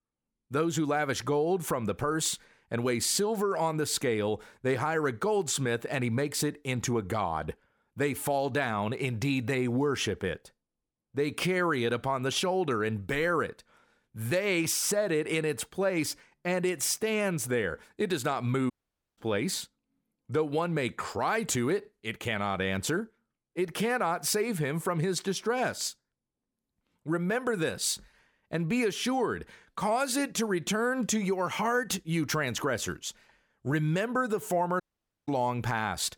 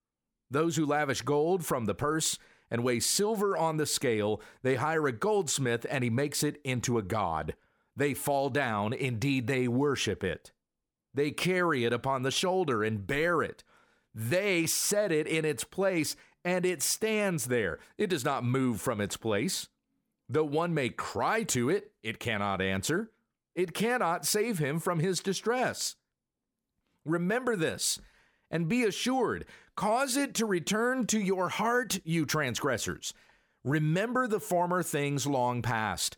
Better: second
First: audio cutting out; at 19 s and at 35 s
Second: none

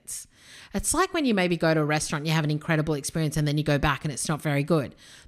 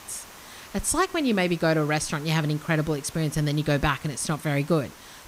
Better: first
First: none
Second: hiss; noticeable; throughout; 20 dB below the speech

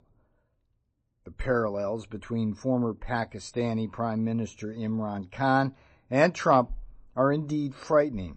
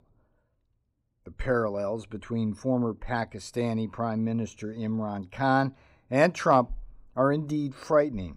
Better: second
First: garbled, watery; slightly; nothing above 8 kHz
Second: none

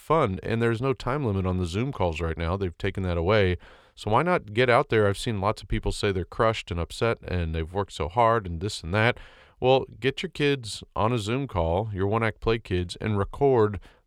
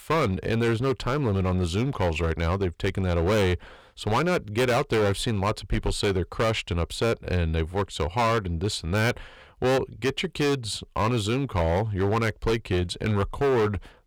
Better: first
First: none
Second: distortion; heavy; 14% of the sound clipped

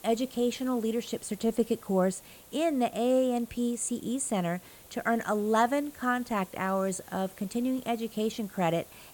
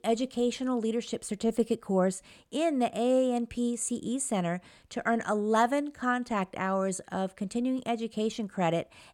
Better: second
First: hiss; faint; throughout; 20 dB below the speech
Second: none

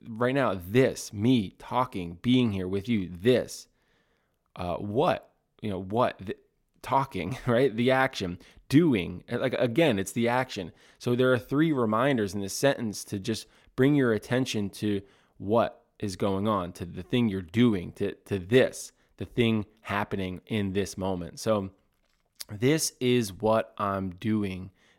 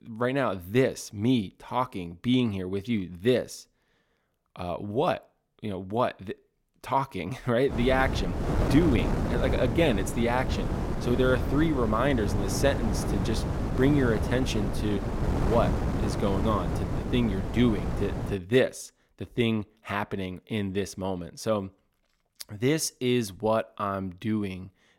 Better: first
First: none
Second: wind noise on the microphone; heavy; from 7.5 to 18 s; 6 dB below the speech

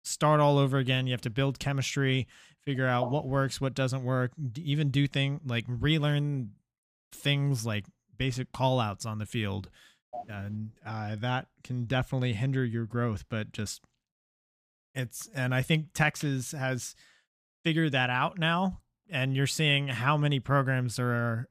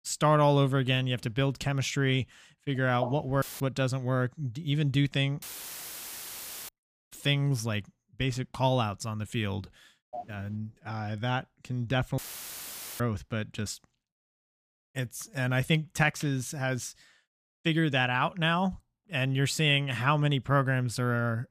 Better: first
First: none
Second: audio cutting out; filled with static; at 3.5 s, at 5.5 s for 1.5 s and at 12 s for 1 s

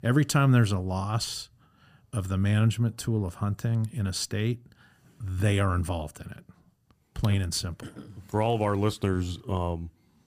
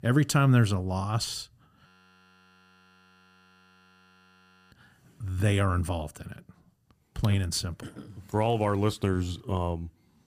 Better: first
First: none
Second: audio freezing; at 2 s for 3 s

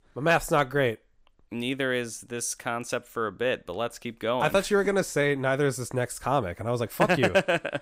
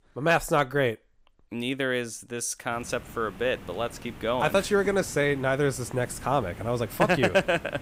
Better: first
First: none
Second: hiss; noticeable; from 2.5 s on; 20 dB below the speech

